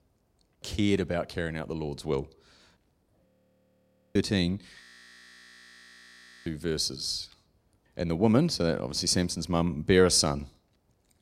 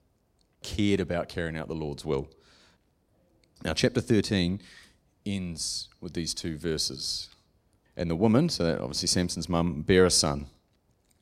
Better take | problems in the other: second | audio freezing; at 3.5 s for 1 s and at 5 s for 1.5 s

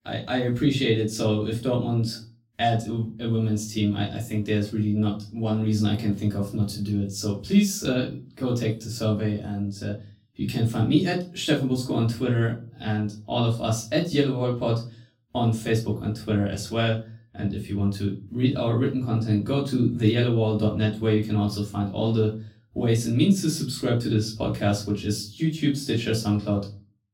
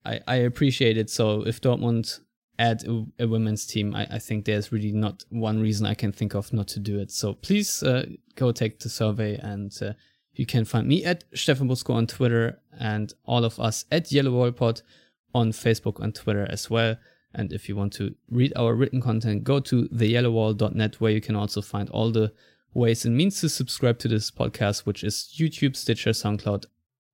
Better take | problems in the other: second | off-mic speech; far // room echo; very slight; dies away in 0.3 s

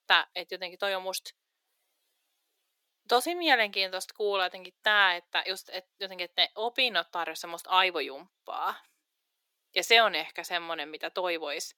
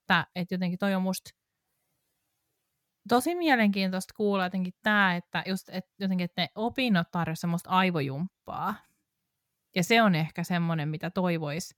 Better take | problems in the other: second | thin; very; fading below 350 Hz

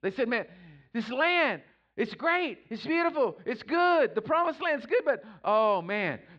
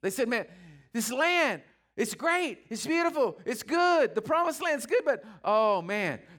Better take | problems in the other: second | muffled; slightly; fading above 4 kHz

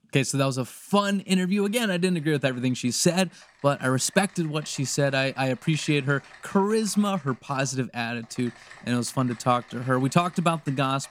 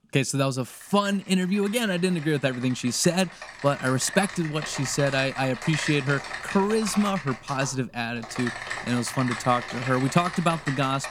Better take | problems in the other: first | household noises; loud; throughout; 9 dB below the speech; faint in the first

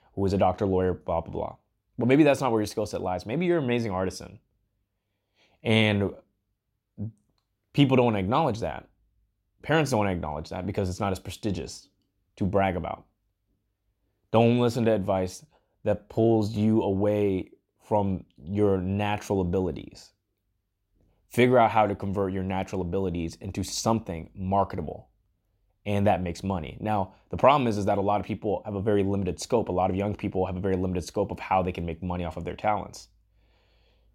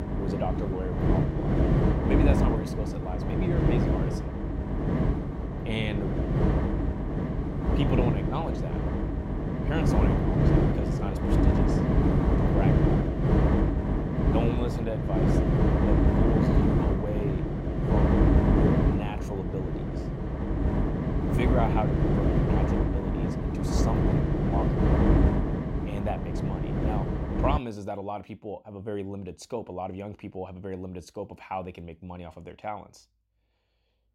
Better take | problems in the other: first | wind noise on the microphone; heavy; until 28 s; 4 dB above the speech

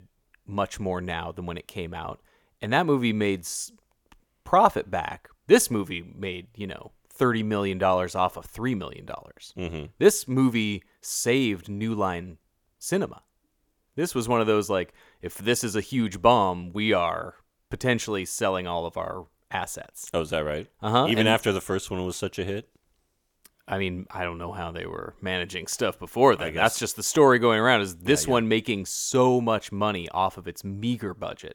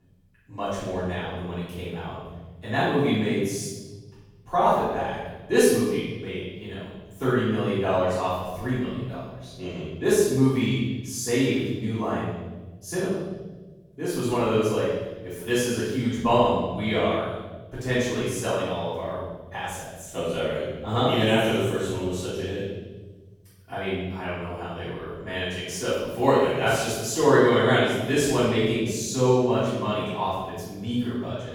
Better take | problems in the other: first | room echo; strong; dies away in 1.4 s // off-mic speech; far

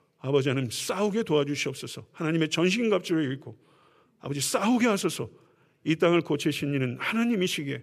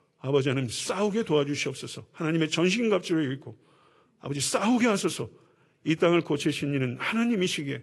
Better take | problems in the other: first | garbled, watery; slightly; nothing above 11.5 kHz

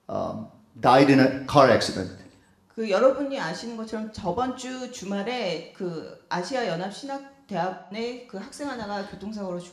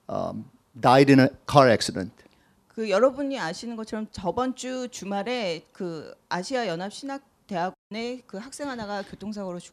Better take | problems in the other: second | room echo; slight; dies away in 0.6 s

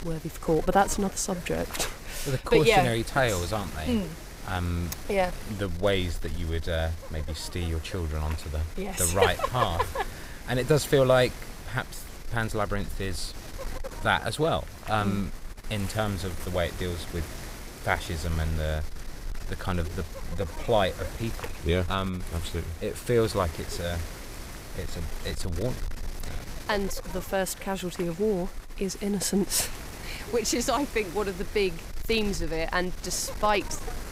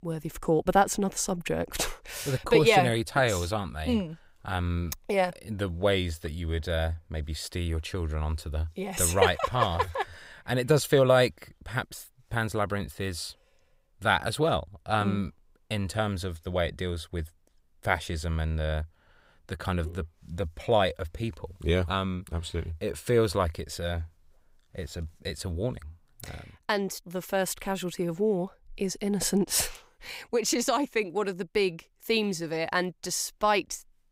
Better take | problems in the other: second | wind noise on the microphone; occasional gusts; 15 dB below the speech

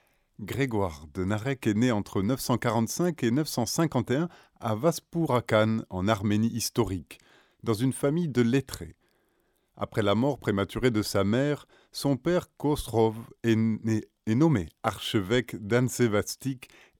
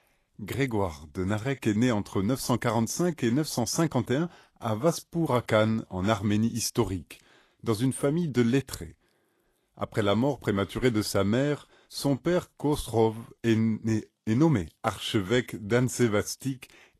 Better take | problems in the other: first | garbled, watery; slightly; nothing above 12.5 kHz

